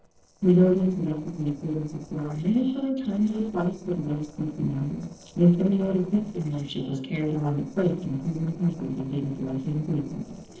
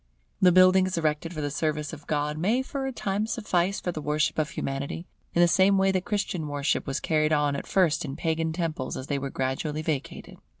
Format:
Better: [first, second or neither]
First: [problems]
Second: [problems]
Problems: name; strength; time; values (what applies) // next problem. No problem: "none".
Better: second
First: noise reduction (neural separator model SepFormer DNS4)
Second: none